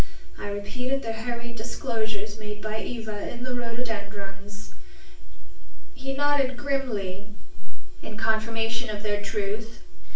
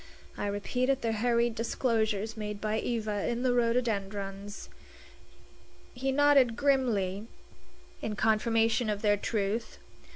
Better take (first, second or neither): second